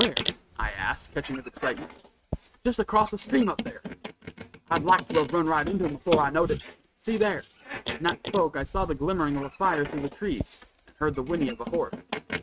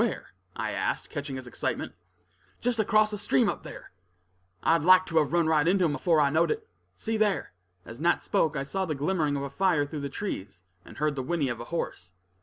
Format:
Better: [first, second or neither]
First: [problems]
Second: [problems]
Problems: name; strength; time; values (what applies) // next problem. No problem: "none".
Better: second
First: noise reduction (neural mask model RNNoise)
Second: none